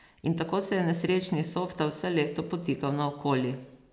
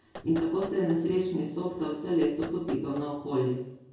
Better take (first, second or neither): first